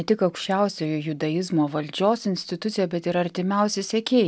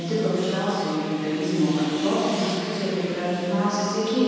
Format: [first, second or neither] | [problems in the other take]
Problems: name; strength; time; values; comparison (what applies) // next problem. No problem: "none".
first | background sound (Tools); 15 dB below the speech // room echo; dies away in 2.1 s